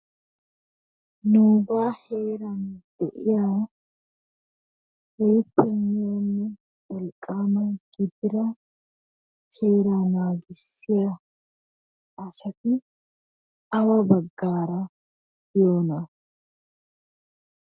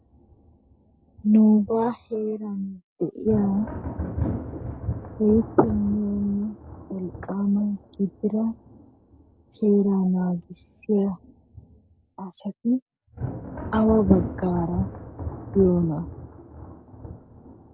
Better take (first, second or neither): first